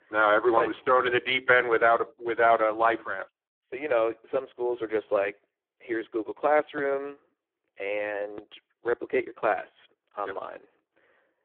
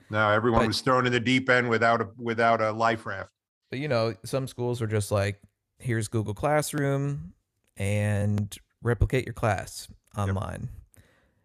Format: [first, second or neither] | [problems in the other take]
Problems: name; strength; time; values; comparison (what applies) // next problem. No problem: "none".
second | phone-call audio; poor line